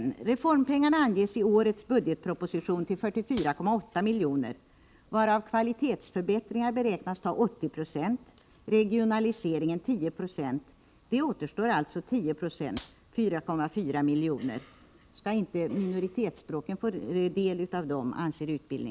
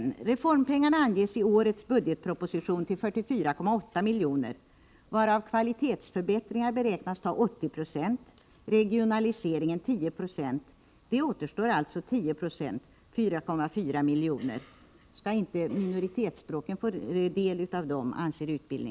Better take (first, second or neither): second